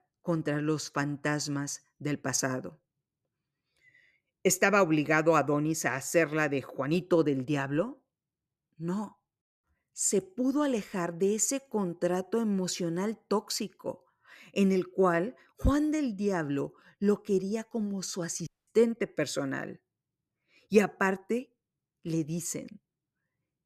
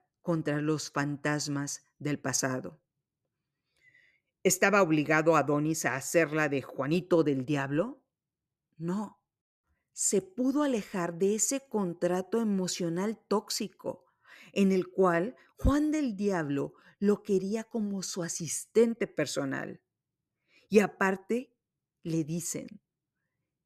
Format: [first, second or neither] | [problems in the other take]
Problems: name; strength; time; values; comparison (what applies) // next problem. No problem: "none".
second | audio cutting out; at 18 s